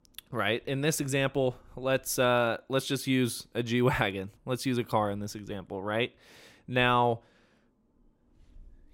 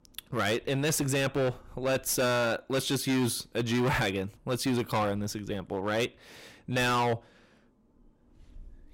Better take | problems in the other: first | distortion; heavy; 14% of the sound clipped

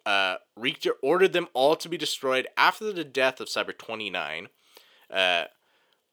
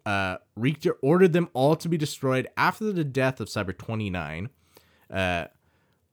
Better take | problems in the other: second | thin; very; fading below 500 Hz

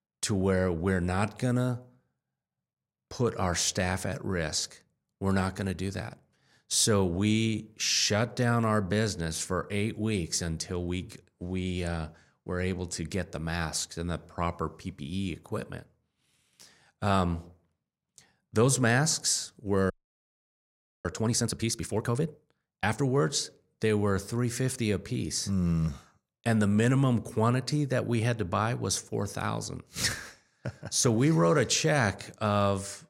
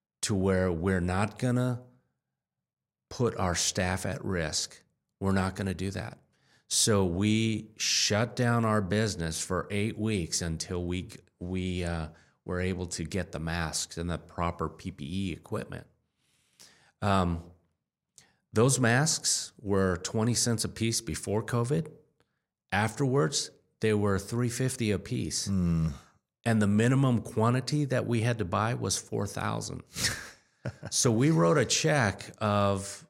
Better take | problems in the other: second | audio freezing; at 20 s for 1 s

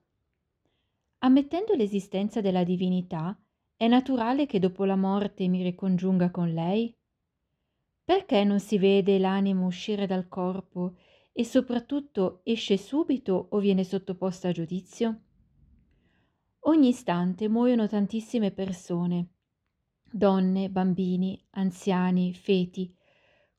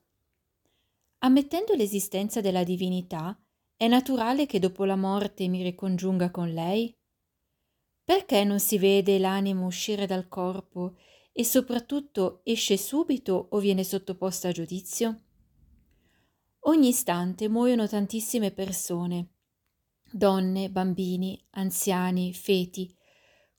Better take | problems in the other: second | muffled; slightly; fading above 3 kHz

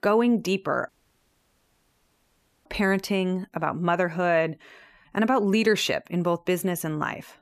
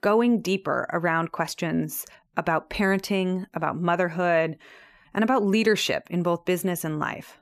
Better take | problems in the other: second | audio cutting out; at 1 s for 2 s

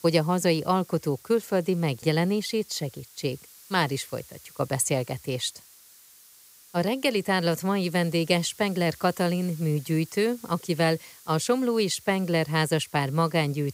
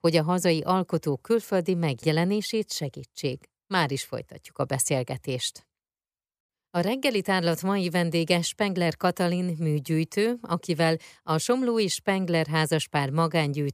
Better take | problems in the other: second | hiss; faint; throughout; 20 dB below the speech

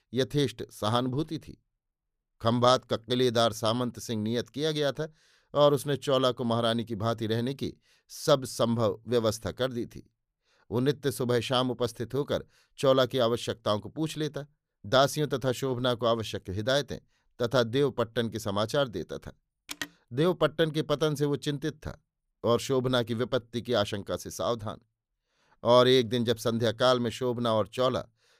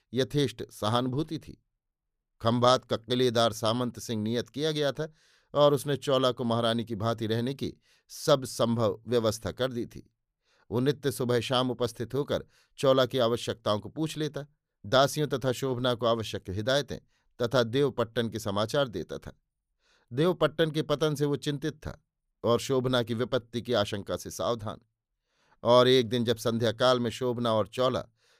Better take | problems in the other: second | phone ringing; faint; at 20 s; peak 10 dB below the speech

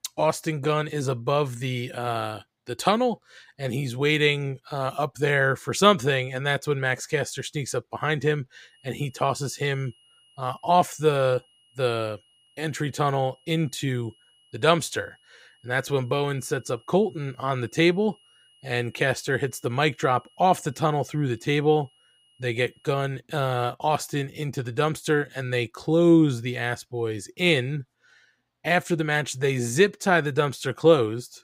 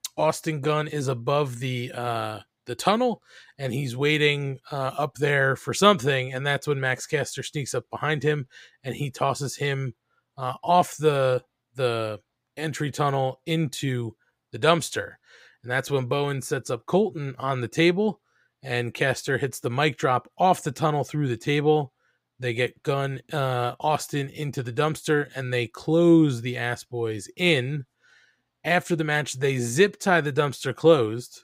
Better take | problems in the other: second | high-pitched whine; faint; from 8.5 to 23 s; 3 kHz, 35 dB below the speech

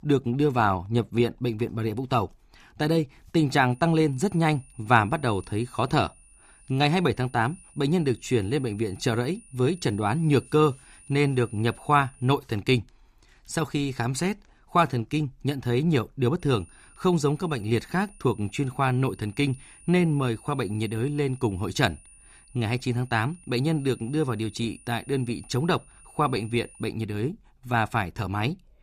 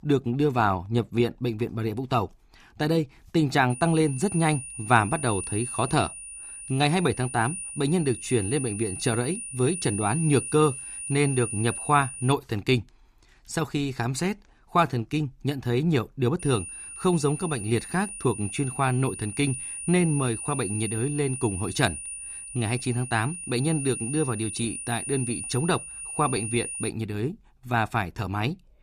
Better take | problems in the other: first | high-pitched whine; loud; from 3.5 to 12 s and from 16 to 27 s; 9.5 kHz, 7 dB below the speech; faint in the first

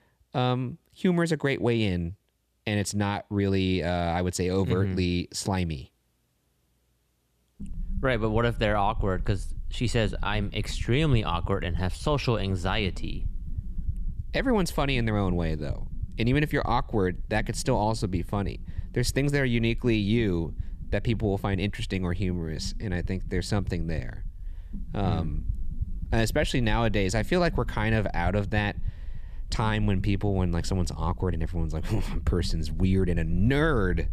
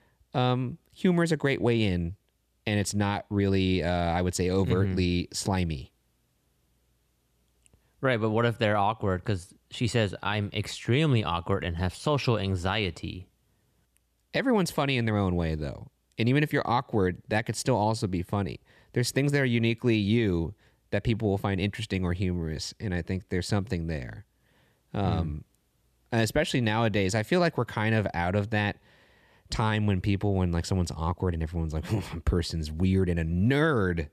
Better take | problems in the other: second | low rumble; faint; from 7.5 s on; 25 dB below the speech

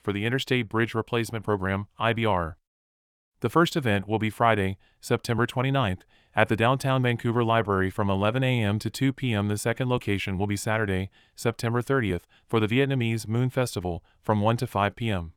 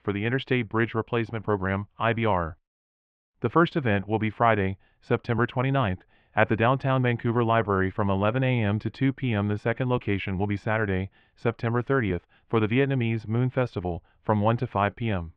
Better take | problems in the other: first | muffled; very; fading above 2.5 kHz

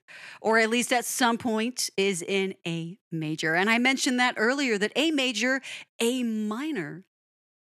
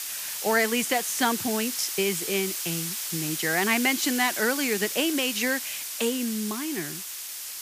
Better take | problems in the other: first | hiss; loud; throughout; 3 dB below the speech

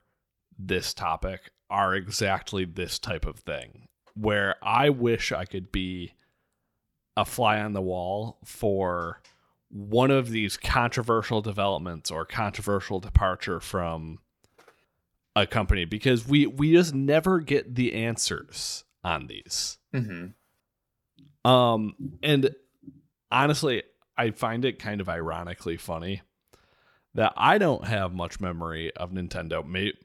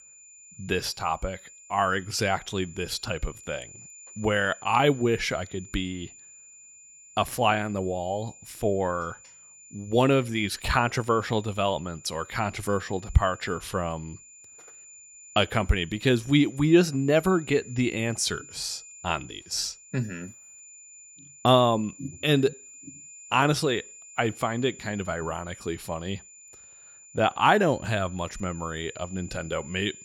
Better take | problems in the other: first | high-pitched whine; noticeable; throughout; 7 kHz, 20 dB below the speech

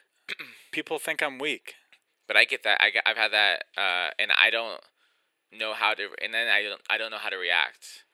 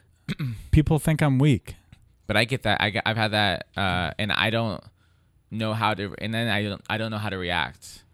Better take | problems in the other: second | thin; very; fading below 400 Hz

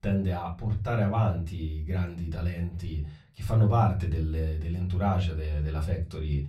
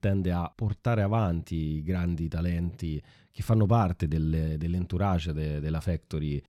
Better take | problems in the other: second | off-mic speech; far // room echo; very slight; dies away in 0.2 s

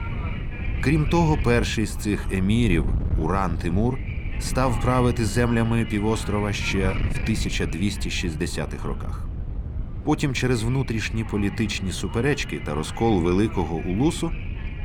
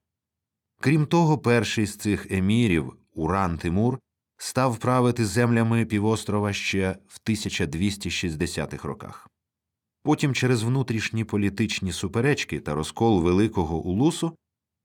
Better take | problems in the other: second | wind noise on the microphone; occasional gusts; 10 dB below the speech

